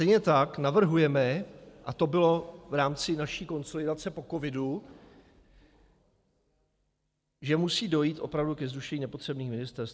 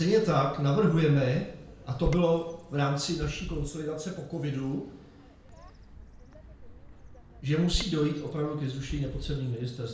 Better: first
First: none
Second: background sound (Bird vocalization, bird call, bird song); 12 dB below the speech // room echo; dies away in 0.5 s

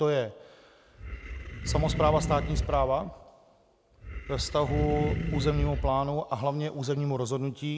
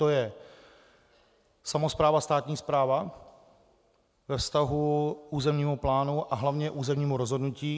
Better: second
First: background sound (Animal); 3 dB below the speech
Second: none

